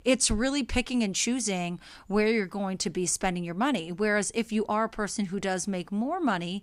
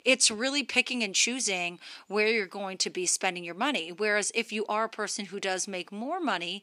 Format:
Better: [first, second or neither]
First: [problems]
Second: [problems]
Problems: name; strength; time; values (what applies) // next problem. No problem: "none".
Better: first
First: none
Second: thin; very slightly; fading below 350 Hz